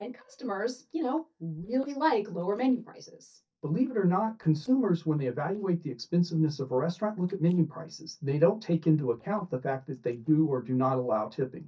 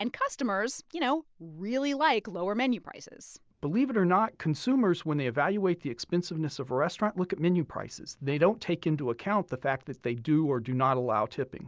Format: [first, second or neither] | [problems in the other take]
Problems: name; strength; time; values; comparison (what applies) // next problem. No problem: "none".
second | noise reduction (neural mask model DeepFilterNet 3)